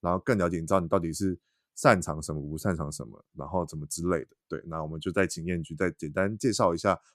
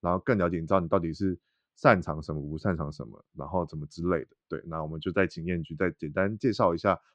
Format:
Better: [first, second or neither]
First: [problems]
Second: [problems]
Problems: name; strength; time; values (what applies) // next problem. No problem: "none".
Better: first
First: none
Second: muffled; slightly; fading above 4 kHz